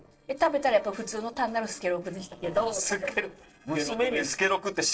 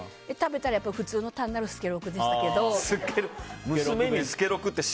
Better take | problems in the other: second | noise reduction (neural separator model SepFormer DNS4)

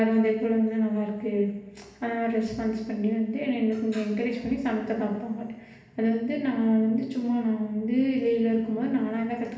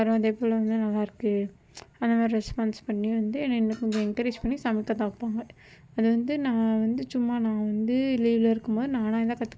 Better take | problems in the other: second | room echo; dies away in 0.9 s

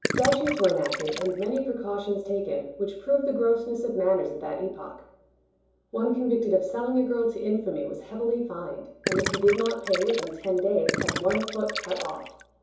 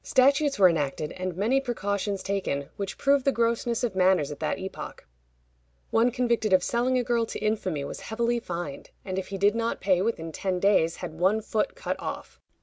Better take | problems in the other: second | background sound (Gurgling); 6 dB below the speech // room echo; dies away in 2.8 s

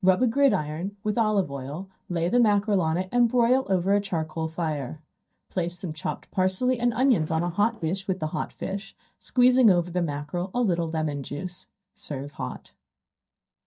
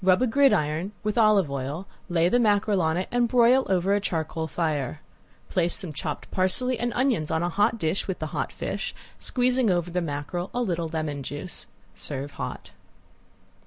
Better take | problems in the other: second | noise reduction (neural mask model DeepFilterNet 3)

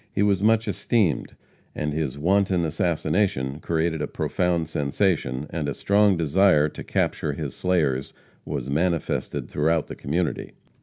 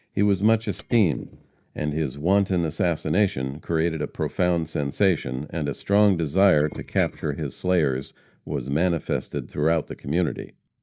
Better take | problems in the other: first | noise reduction (neural mask model DeepFilterNet 3)

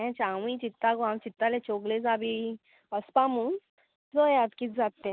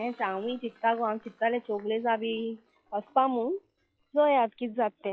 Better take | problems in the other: first | noise reduction (classical method log-MMSE)

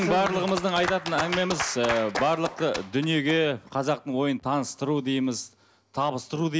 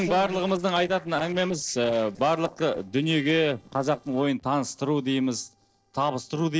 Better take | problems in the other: first | noise reduction (neural separator model SepFormer DNS4)

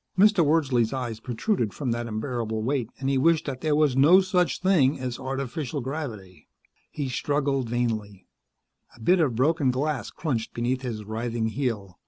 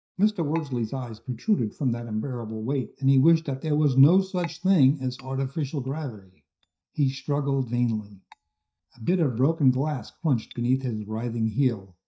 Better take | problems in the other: first | noise reduction (neural mask model DeepFilterNet 3)

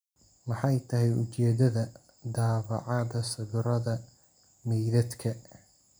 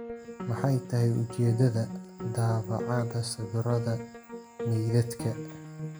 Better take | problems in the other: first | background sound (Piano); 10 dB below the speech

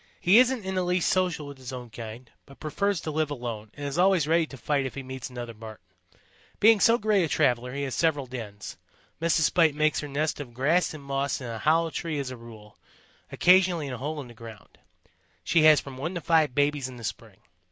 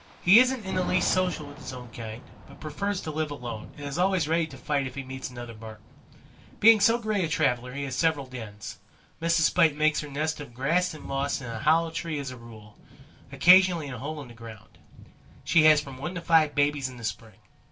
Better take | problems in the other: first | background sound (Thunder / Rain); 16 dB below the speech // room echo; dies away in 0.2 s

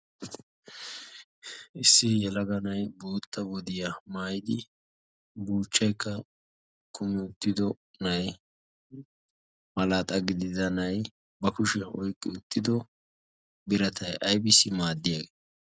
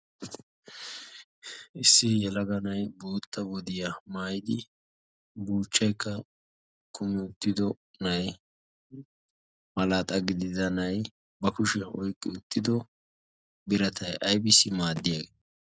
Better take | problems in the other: first | background sound (Telephone); 17 dB below the speech

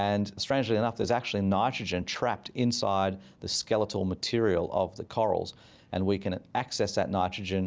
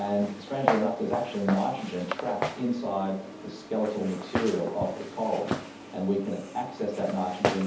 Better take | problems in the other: first | background sound (Walk, footsteps); 5 dB below the speech // room echo; dies away in 0.6 s

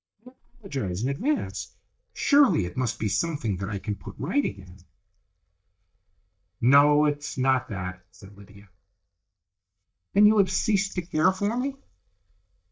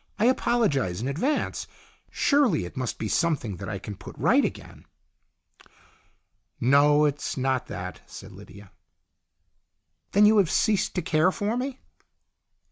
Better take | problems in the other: second | noise reduction (neural mask model DeepFilterNet 3)

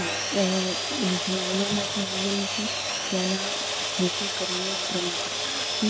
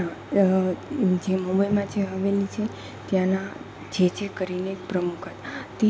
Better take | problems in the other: second | background sound (Sawing); 1 dB above the speech

